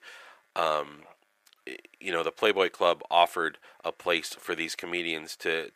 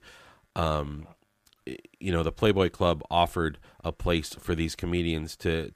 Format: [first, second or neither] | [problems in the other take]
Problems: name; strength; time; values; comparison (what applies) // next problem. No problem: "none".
second | thin; very; fading below 550 Hz